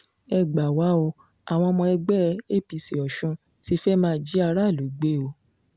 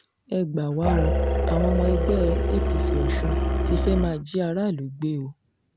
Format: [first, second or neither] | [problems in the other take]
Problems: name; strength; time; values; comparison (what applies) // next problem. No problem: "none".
first | background sound (Musical instrument); 4 dB above the speech